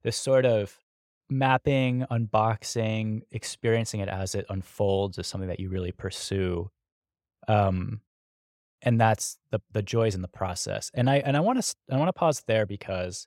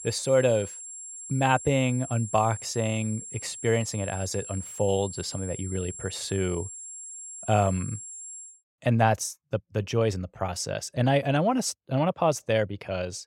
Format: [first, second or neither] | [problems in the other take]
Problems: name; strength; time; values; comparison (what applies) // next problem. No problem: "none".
first | high-pitched whine; noticeable; until 8.5 s; 7.5 kHz, 10 dB below the speech